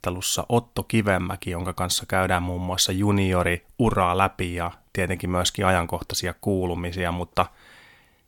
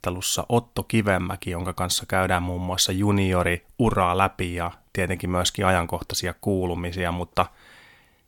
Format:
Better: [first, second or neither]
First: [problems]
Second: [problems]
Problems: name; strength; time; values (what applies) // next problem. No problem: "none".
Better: neither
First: none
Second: none